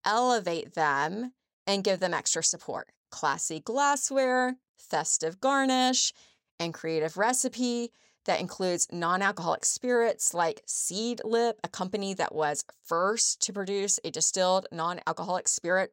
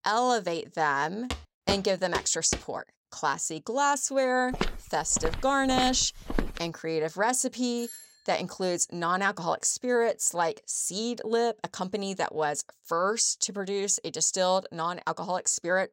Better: first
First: none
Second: footsteps; noticeable; from 1.5 to 2.5 s and from 4.5 to 6.5 s; peak 6 dB below the speech // doorbell; faint; at 8 s; peak 15 dB below the speech

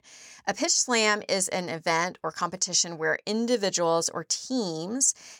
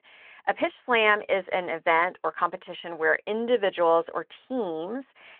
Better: first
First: none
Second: phone-call audio

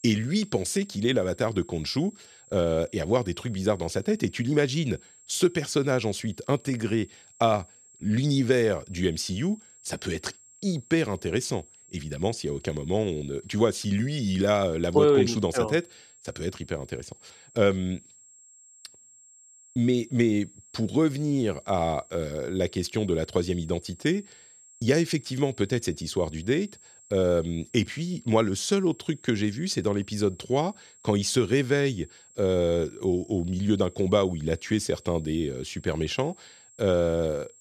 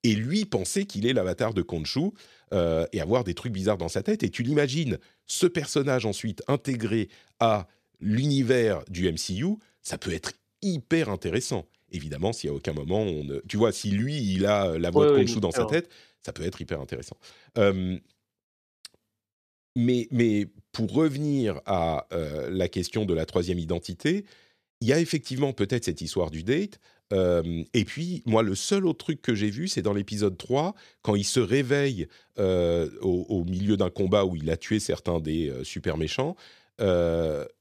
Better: second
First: high-pitched whine; faint; throughout; 7.5 kHz, 25 dB below the speech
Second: none

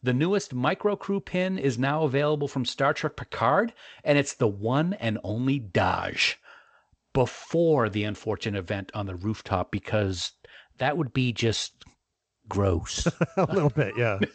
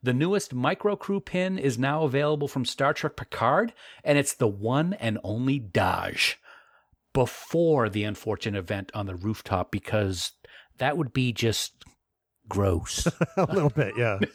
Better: second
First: garbled, watery; slightly; nothing above 8 kHz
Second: none

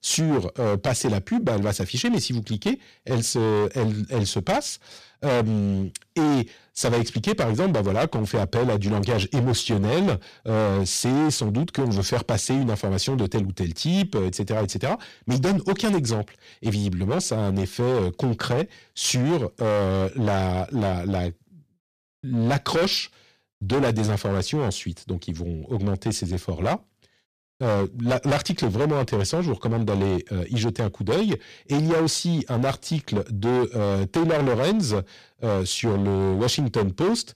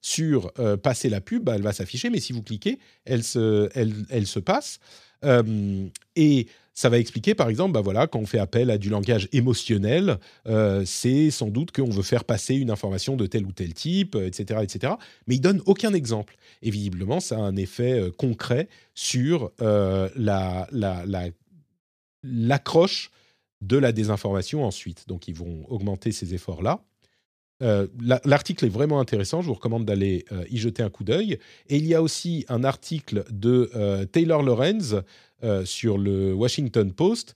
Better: second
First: distortion; heavy; 16% of the sound clipped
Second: none

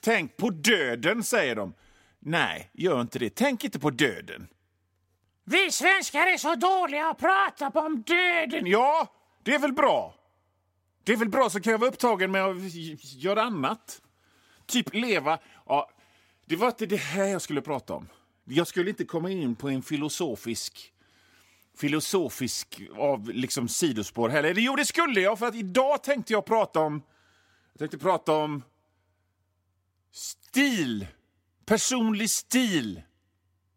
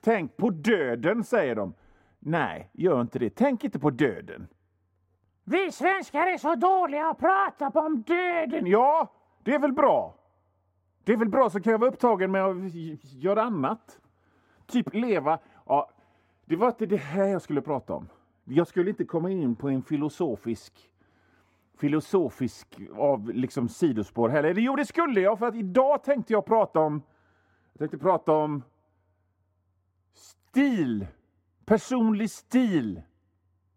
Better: first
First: none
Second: muffled; very; fading above 2 kHz

